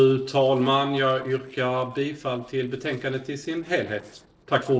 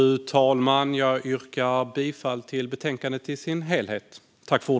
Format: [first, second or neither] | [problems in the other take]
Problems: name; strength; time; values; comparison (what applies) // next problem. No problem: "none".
second | noise reduction (neural separator model SepFormer DNS4)